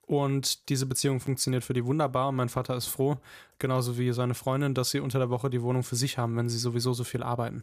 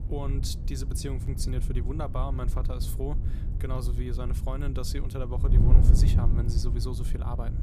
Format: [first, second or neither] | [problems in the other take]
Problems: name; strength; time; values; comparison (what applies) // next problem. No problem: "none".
first | wind noise on the microphone; heavy; 5 dB below the speech